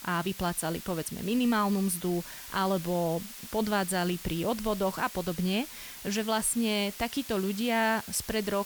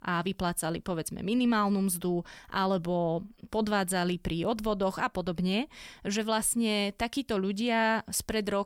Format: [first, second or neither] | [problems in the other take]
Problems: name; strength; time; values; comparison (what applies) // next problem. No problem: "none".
second | hiss; noticeable; throughout; 10 dB below the speech